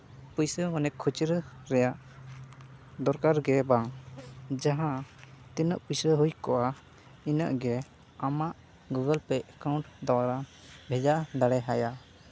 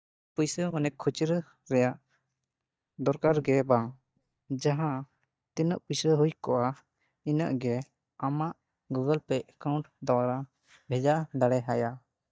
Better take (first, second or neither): first